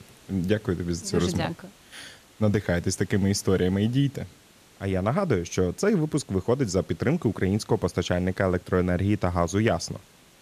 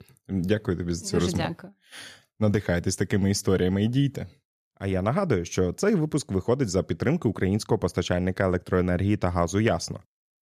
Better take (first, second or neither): second